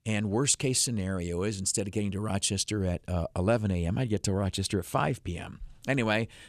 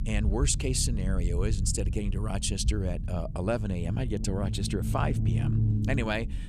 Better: first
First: none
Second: low rumble; noticeable; throughout; 10 dB below the speech

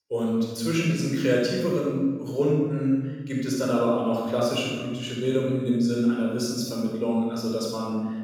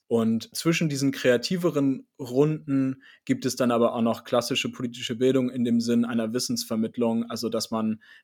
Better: second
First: off-mic speech; far // room echo; strong; dies away in 1.3 s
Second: none

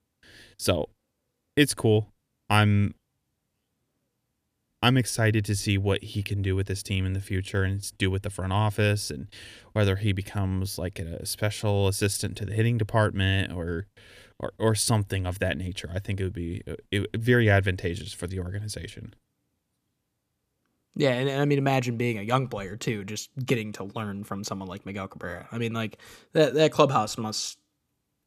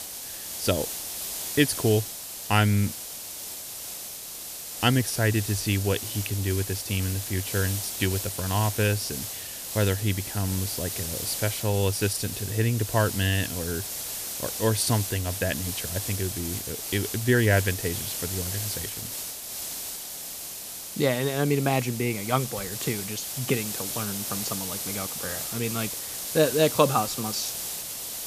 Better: first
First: none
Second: hiss; loud; throughout; 4 dB below the speech

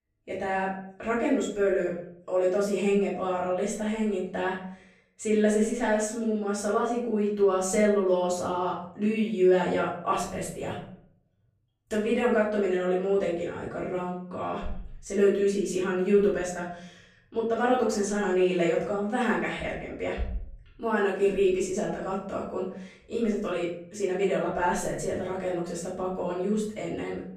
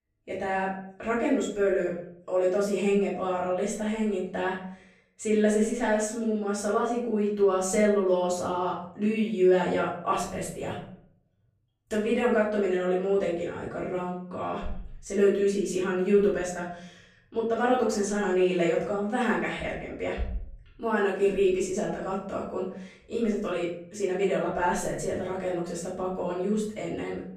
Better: neither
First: off-mic speech; far // room echo; noticeable; dies away in 0.5 s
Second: off-mic speech; far // room echo; noticeable; dies away in 0.5 s

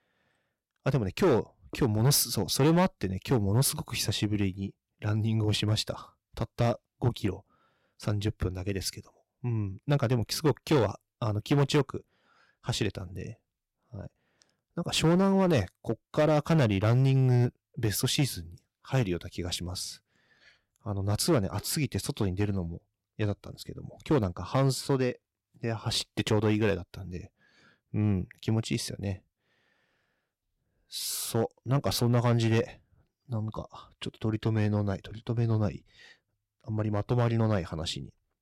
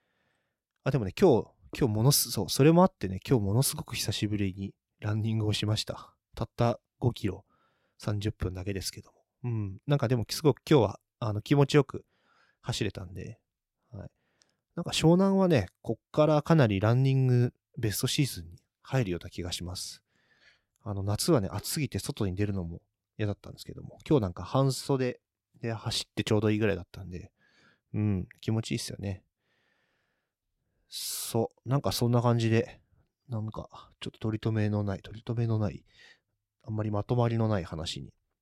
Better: second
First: distortion; slight; 4% of the sound clipped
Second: none

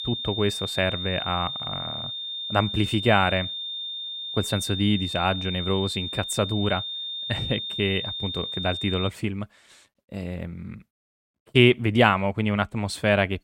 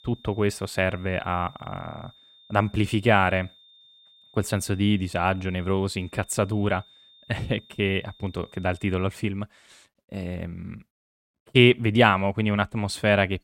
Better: second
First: high-pitched whine; loud; until 9 s; 3.5 kHz, 5 dB below the speech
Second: high-pitched whine; faint; until 9 s; 3.5 kHz, 30 dB below the speech

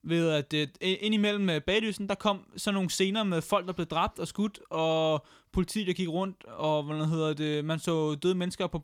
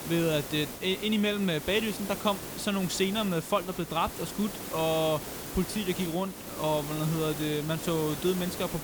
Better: first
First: none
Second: hiss; loud; throughout; 8 dB below the speech

